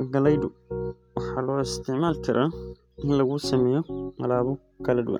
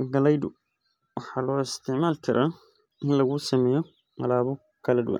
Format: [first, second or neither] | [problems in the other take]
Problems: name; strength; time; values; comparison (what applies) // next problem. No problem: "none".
second | background sound (Piano); 9 dB below the speech